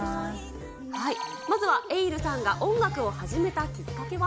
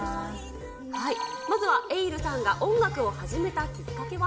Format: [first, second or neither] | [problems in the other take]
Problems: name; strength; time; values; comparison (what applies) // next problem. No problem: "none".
first | room echo; dies away in 1 s